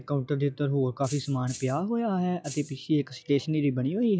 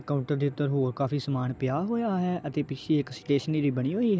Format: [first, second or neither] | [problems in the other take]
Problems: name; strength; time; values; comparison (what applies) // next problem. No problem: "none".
second | noise reduction (classical method log-MMSE)